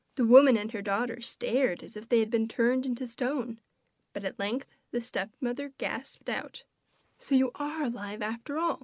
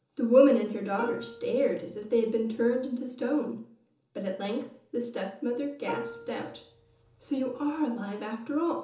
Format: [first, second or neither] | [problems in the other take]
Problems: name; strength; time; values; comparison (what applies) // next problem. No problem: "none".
first | background sound (Plucked string instrument); 13 dB below the speech // room echo; dies away in 0.6 s